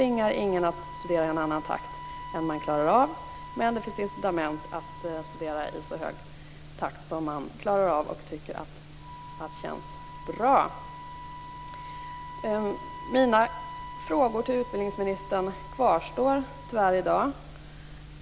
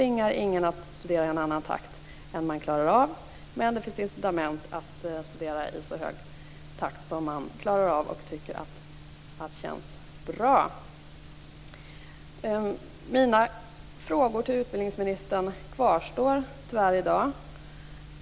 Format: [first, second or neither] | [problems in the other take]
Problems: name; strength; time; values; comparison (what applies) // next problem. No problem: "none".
second | background sound (Wind instrument, woodwind instrument); 14 dB below the speech